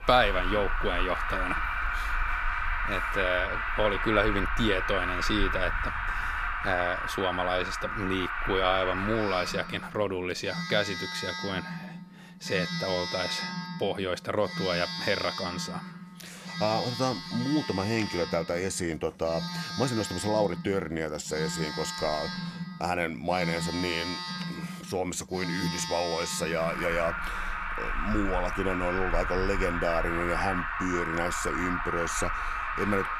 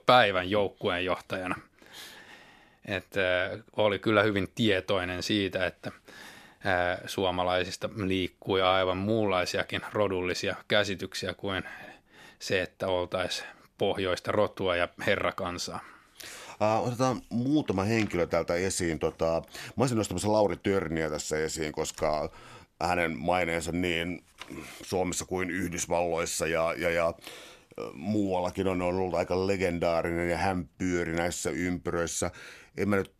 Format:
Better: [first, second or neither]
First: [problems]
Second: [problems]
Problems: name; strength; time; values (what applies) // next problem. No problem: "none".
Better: second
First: alarms or sirens; loud; throughout; 2 dB below the speech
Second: none